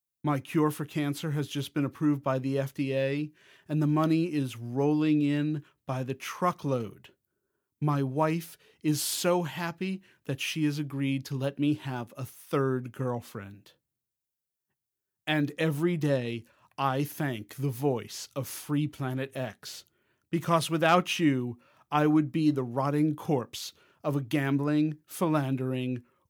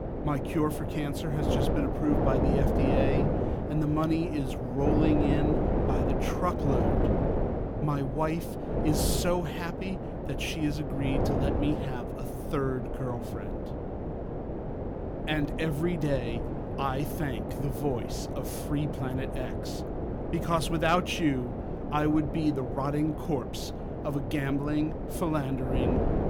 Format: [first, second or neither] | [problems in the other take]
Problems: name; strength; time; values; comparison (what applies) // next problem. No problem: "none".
first | wind noise on the microphone; heavy; 1 dB below the speech